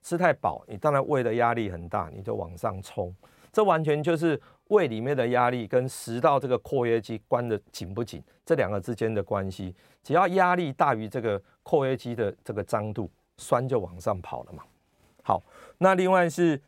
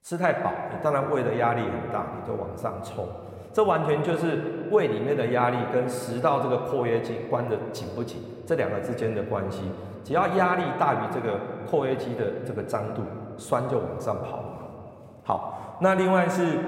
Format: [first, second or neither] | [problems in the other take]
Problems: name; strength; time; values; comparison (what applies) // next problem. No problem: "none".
first | room echo; slight; dies away in 2.3 s